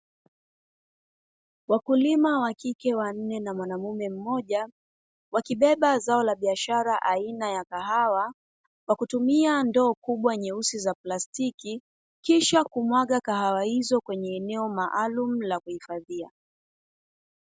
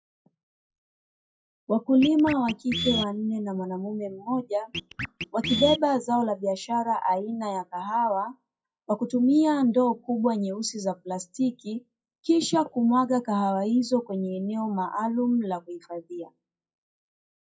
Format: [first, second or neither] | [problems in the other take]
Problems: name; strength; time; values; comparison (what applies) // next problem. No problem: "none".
first | noise reduction (classical method WPE with log-MMSE)